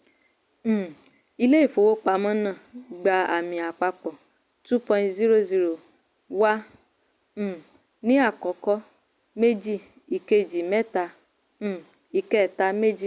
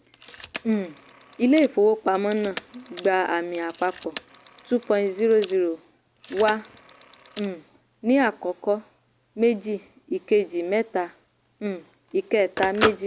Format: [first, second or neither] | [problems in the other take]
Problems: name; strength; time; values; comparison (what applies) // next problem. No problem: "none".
first | background sound (Telephone); 13 dB below the speech